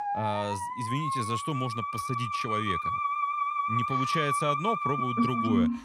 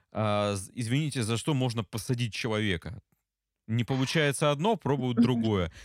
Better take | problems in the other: second | background music; very loud; throughout; 3 dB above the speech

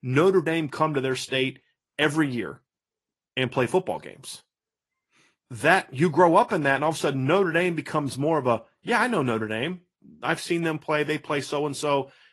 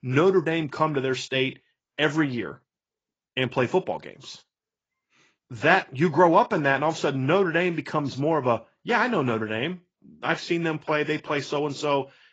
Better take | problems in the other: first | garbled, watery; badly; nothing above 7.5 kHz; slightly in the first

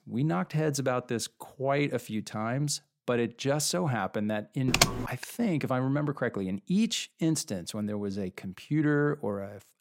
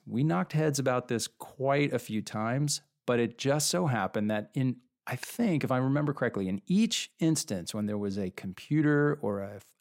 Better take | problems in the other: second | keyboard typing; loud; at 4.5 s; peak 6 dB above the speech

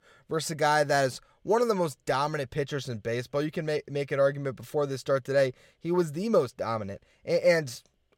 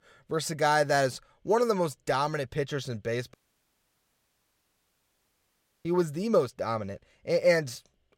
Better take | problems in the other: first | audio cutting out; at 3.5 s for 2.5 s

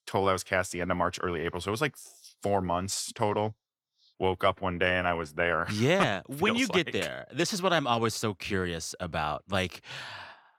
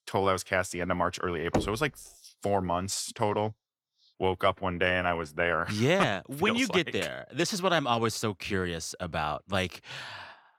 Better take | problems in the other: first | door banging; noticeable; at 1.5 s; peak 3 dB below the speech

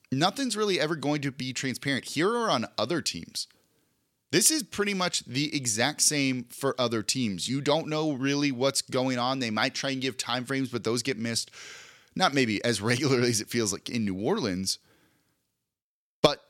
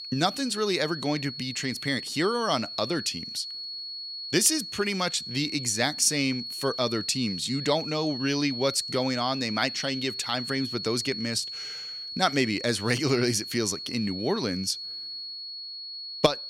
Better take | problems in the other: first | high-pitched whine; loud; throughout; 4.5 kHz, 7 dB below the speech

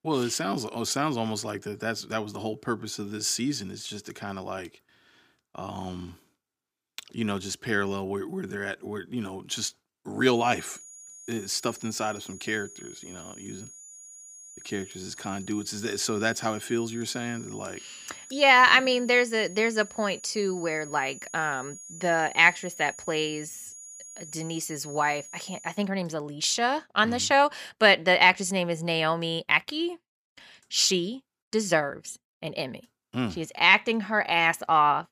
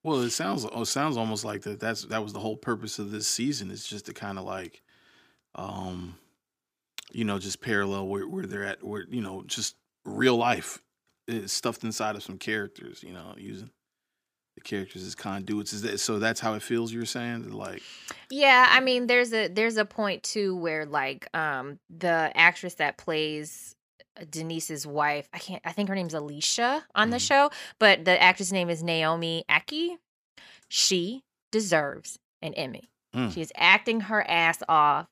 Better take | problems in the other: second | high-pitched whine; noticeable; from 10 to 26 s; 7 kHz, 15 dB below the speech

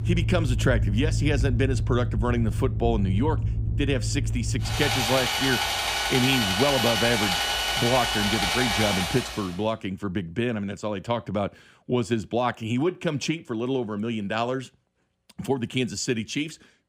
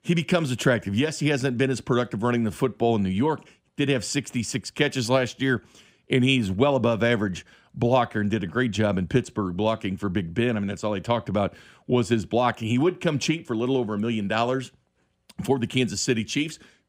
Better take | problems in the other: second | machinery noise; very loud; until 9 s; 2 dB above the speech

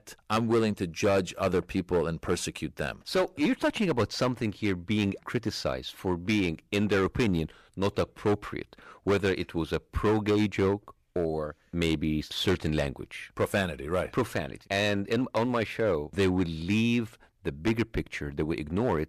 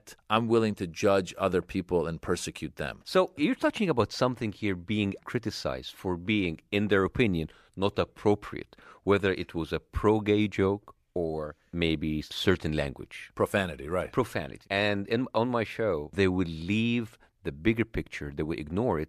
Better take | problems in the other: second | distortion; slight; 6% of the sound clipped

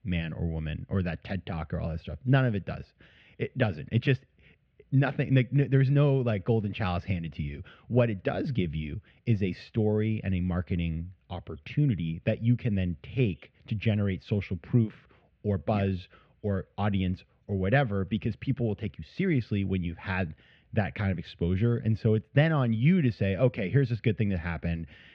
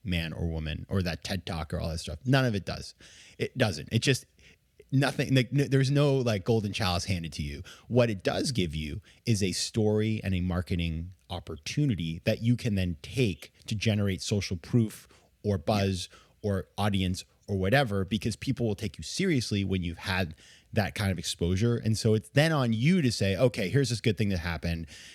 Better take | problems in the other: second | muffled; very; fading above 3 kHz

